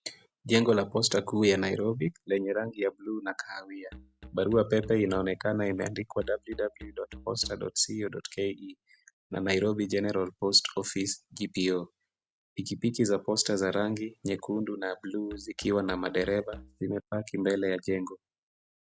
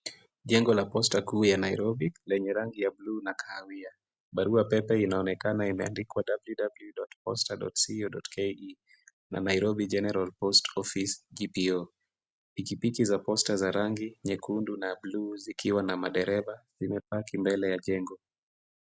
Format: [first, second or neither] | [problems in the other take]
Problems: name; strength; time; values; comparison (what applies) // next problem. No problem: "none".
second | background sound (Musical instrument); 19 dB below the speech